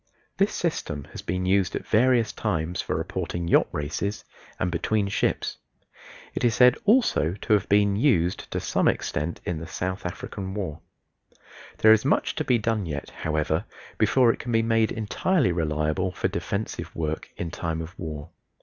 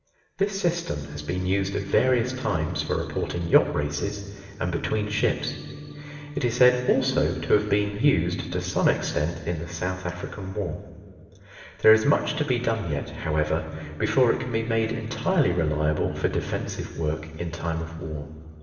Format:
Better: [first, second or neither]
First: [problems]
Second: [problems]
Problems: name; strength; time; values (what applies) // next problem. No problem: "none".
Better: first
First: none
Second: background sound (Organ); 13 dB below the speech // room echo; dies away in 2.6 s